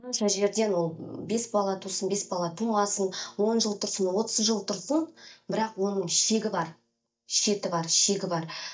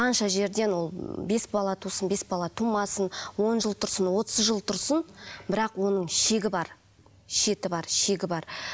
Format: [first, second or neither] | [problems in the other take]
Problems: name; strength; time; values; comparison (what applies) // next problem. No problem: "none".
second | noise reduction (neural mask model DeepFilterNet 3)